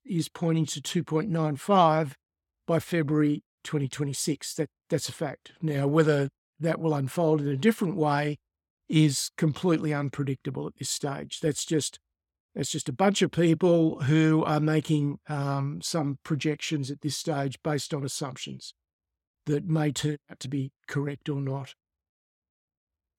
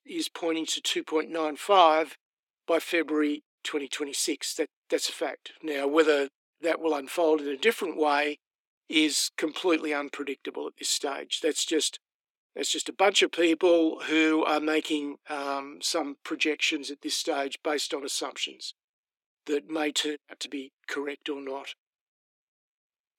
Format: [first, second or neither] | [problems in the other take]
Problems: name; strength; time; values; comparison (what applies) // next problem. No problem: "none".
first | thin; somewhat; fading below 300 Hz